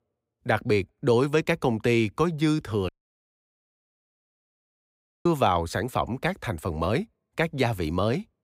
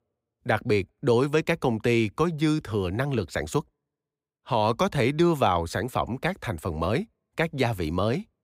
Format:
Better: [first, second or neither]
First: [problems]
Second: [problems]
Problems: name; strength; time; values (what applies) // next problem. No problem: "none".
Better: second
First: audio cutting out; at 3 s for 2.5 s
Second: none